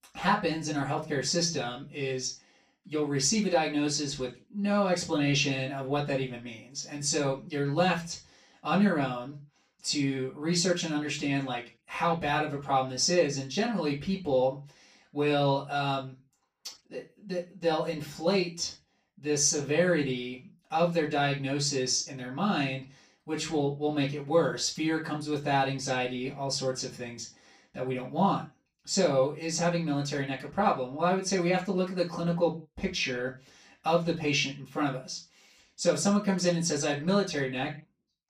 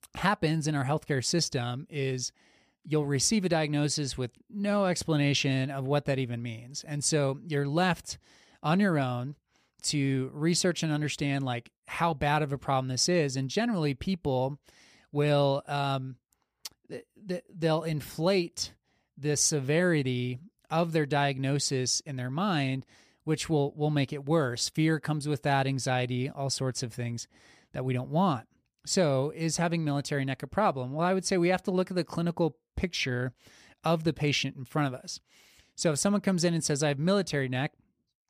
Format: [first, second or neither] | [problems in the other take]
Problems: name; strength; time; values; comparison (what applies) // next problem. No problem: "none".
second | room echo; slight; dies away in 0.2 s // off-mic speech; far